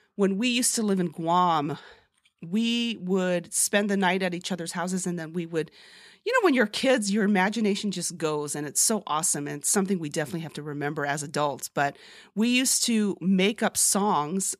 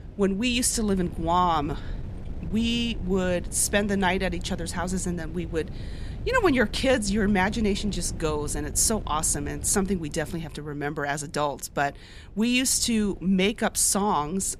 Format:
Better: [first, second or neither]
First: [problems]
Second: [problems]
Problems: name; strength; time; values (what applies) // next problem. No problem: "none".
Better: first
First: none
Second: wind noise on the microphone; occasional gusts; 20 dB below the speech